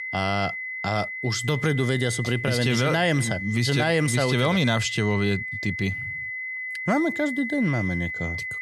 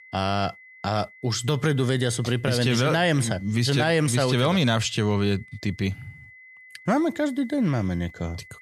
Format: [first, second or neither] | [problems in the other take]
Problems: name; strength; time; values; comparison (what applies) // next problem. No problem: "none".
second | high-pitched whine; loud; throughout; 2 kHz, 6 dB below the speech; faint in the second